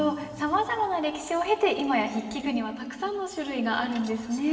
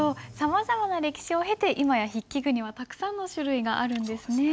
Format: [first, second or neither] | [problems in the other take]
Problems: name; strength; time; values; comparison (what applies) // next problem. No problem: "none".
second | room echo; dies away in 1.9 s